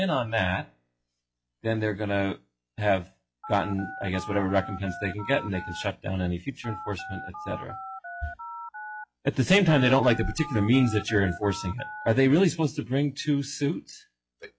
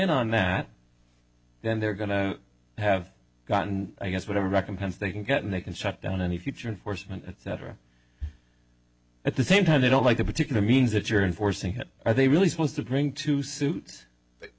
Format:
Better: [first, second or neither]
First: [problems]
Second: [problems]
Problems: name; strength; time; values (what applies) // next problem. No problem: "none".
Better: second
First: noise reduction (classical method log-MMSE)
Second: none